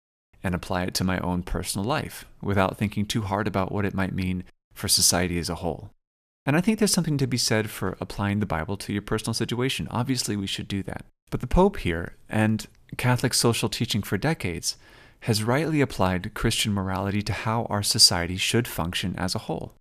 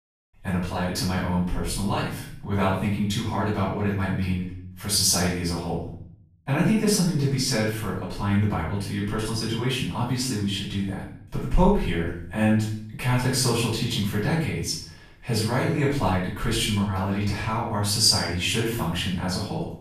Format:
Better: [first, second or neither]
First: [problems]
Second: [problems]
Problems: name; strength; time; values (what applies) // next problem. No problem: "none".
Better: first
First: none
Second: off-mic speech; far // room echo; noticeable; dies away in 0.5 s